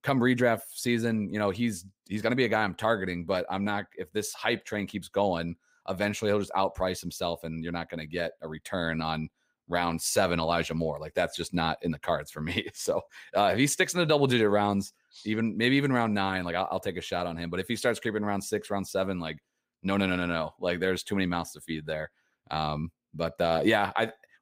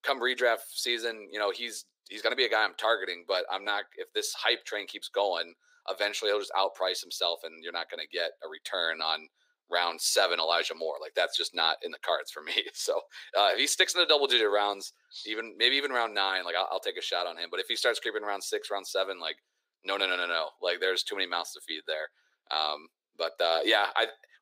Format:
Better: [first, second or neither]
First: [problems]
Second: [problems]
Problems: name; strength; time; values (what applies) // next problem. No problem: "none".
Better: first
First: none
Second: thin; very; fading below 350 Hz